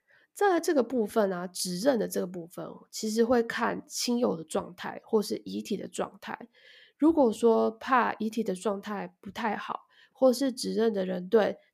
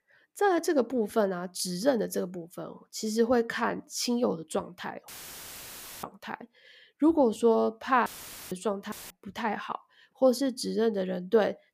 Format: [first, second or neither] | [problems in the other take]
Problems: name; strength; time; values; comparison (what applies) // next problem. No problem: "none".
first | audio cutting out; filled with static; at 5 s for 1 s, at 8 s and at 9 s